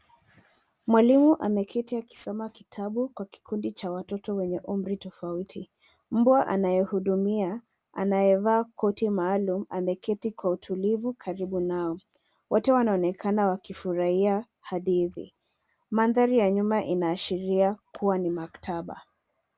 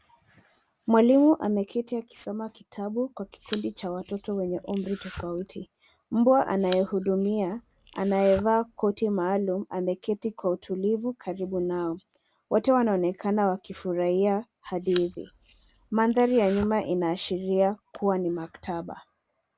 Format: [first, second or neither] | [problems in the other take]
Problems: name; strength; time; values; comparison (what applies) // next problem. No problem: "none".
first | background sound (Domestic sounds, home sounds); 19 dB below the speech